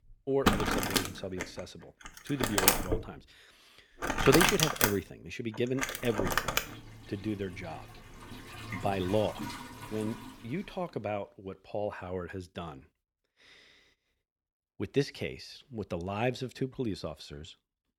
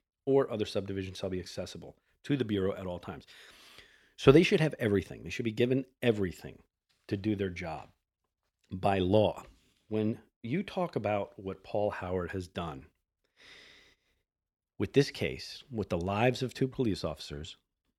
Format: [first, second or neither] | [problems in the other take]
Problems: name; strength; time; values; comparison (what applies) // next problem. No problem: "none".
second | household noises; very loud; until 10 s; 4 dB above the speech